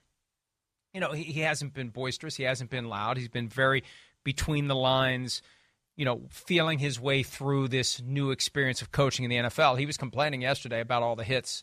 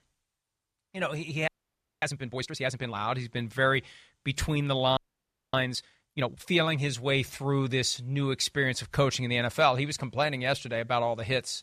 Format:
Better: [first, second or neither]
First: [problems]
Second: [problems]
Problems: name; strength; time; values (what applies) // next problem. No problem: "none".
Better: first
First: none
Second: audio freezing; at 1.5 s for 0.5 s and at 5 s for 0.5 s